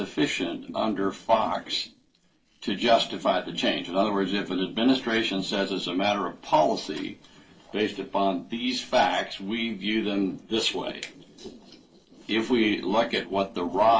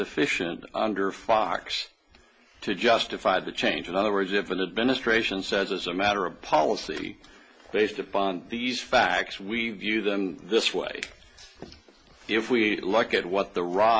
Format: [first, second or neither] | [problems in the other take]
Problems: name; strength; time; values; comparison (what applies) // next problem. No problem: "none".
second | noise reduction (neural separator model SepFormer DNS4)